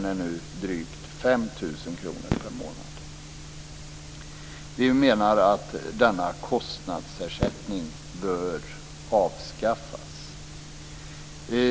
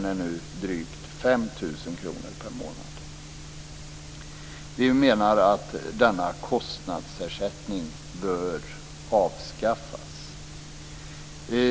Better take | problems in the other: second | background sound (Fireworks); 11 dB below the speech

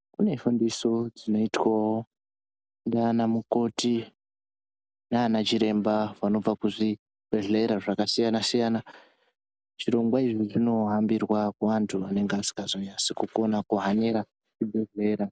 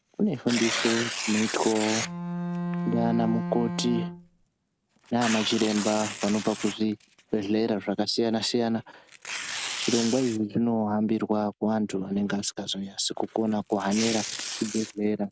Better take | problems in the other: first | background sound (Tearing + Bowed string instrument); 7 dB below the speech

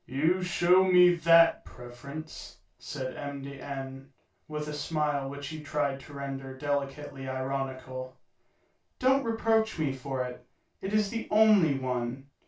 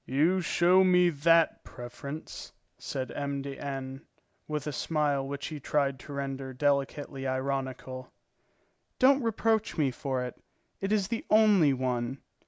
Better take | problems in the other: second | room echo; dies away in 0.2 s

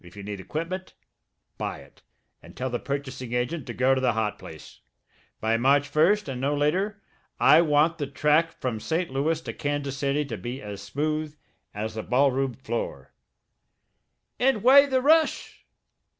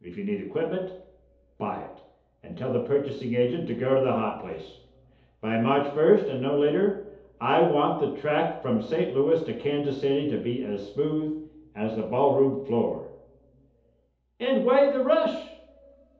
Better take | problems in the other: first | room echo; dies away in 2.2 s

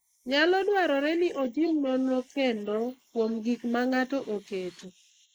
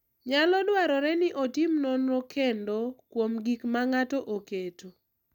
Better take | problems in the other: second | noise reduction (neural mask model Resemble Enhance denoiser)

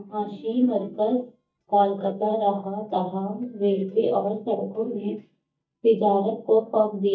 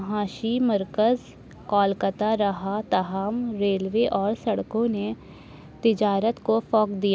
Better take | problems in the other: second | noise reduction (neural mask model DeepFilterNet 3)

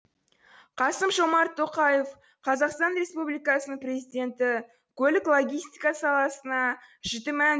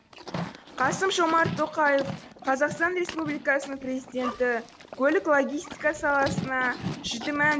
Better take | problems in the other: first | background sound (Livestock, farm animals, working animals); 11 dB below the speech

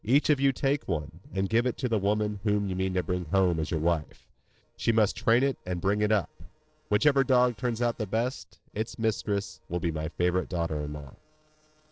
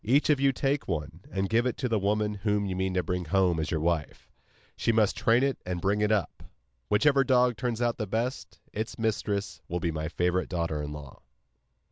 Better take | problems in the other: second | noise reduction (neural separator model SepFormer DNS4)

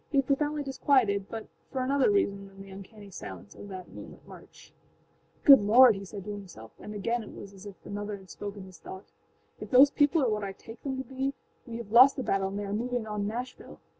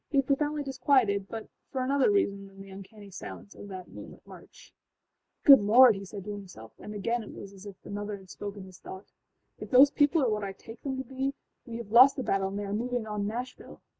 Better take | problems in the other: first | noise reduction (neural mask model Resemble Enhance denoiser)

